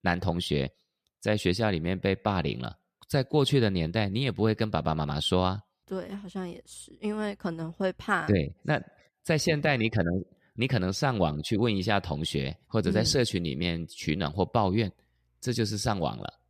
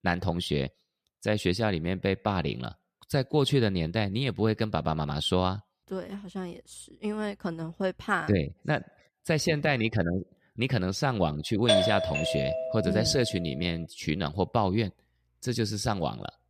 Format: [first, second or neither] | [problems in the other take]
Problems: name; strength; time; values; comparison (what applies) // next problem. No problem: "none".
first | doorbell; loud; from 12 to 13 s; peak 5 dB above the speech